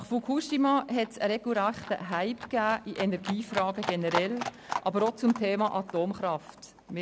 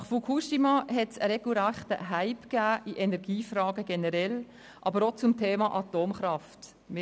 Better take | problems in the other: second | background sound (Livestock, farm animals, working animals); 11 dB below the speech

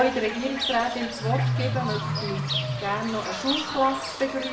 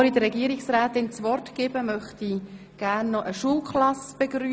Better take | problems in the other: second | background sound (Bird / Fowl); 2 dB below the speech // room echo; dies away in 0.6 s

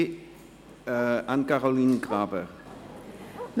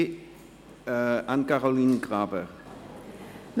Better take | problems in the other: second | background sound (Bark); 18 dB below the speech

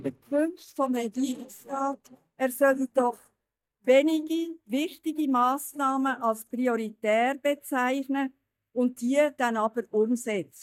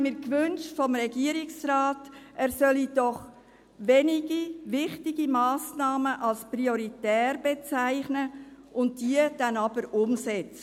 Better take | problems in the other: second | noise reduction (neural mask model DeepFilterNet 3)

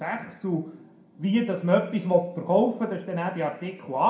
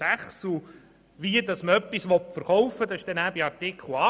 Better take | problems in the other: second | room echo; dies away in 0.5 s

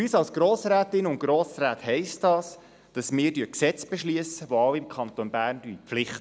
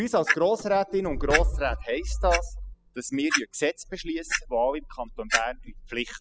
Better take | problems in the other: first | noise reduction (classical method spectral subtraction)

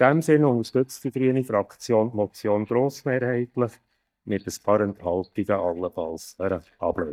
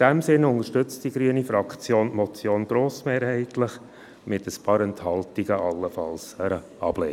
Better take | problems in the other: second | noise reduction (neural mask model DeepFilterNet 3)

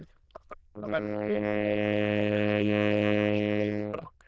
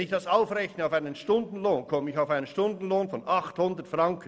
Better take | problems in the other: second | noise reduction (neural diffusion model UNIVERSE++)

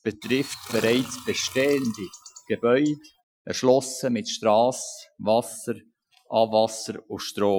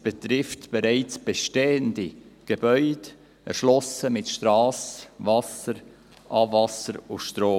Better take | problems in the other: second | noise reduction (classical method Wiener filter)

